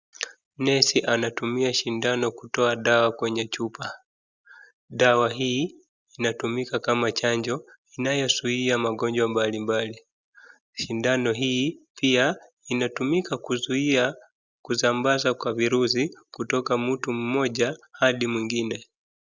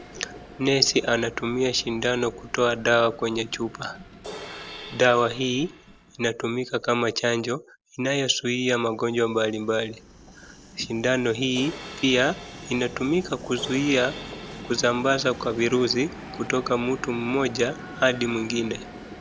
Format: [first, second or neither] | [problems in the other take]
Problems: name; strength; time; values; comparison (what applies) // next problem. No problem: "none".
first | background sound (Crash cymbal + Train); 15 dB below the speech